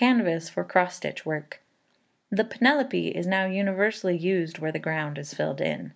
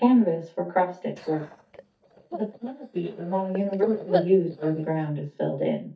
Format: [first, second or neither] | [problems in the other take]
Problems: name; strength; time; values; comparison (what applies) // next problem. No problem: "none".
first | noise reduction (neural mask model DeepFilterNet 3)